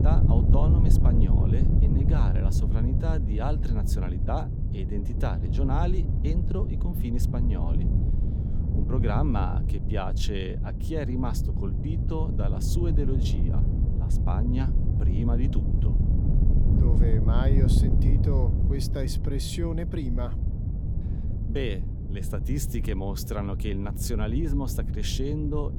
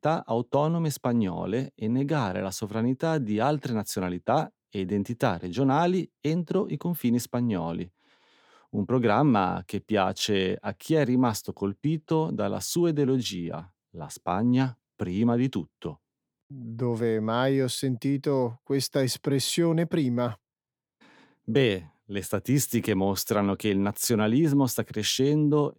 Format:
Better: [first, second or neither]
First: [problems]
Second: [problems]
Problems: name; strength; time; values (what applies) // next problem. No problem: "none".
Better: second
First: wind noise on the microphone; heavy; 3 dB below the speech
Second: none